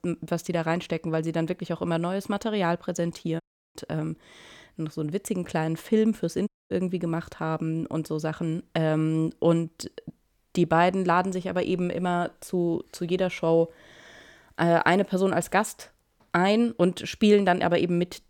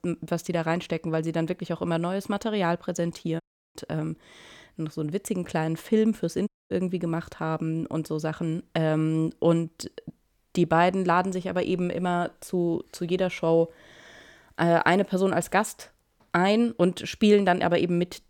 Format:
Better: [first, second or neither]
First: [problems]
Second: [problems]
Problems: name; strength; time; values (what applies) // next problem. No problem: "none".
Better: neither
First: audio cutting out; at 3.5 s and at 6.5 s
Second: audio cutting out; at 3.5 s and at 6.5 s